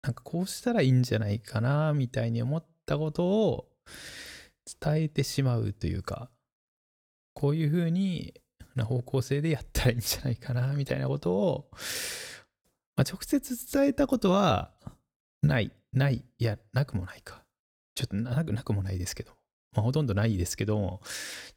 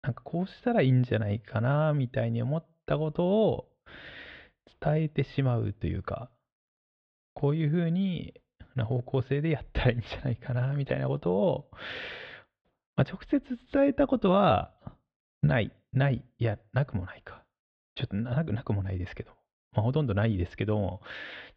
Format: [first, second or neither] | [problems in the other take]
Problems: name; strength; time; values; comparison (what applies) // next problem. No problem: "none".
first | muffled; very; fading above 3.5 kHz